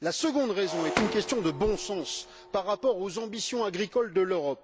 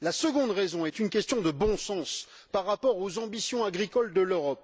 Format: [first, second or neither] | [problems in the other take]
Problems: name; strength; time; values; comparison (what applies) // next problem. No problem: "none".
second | background sound (Shatter); 9 dB below the speech